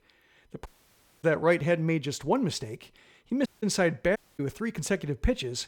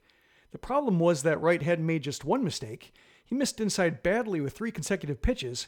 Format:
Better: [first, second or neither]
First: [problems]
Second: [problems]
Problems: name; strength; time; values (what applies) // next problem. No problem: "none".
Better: second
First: audio cutting out; at 0.5 s for 0.5 s, at 3.5 s and at 4 s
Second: none